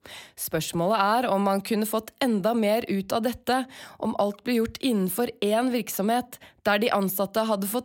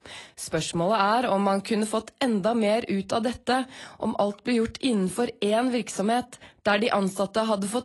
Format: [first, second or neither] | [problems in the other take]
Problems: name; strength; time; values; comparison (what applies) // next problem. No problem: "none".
first | garbled, watery; slightly; nothing above 11.5 kHz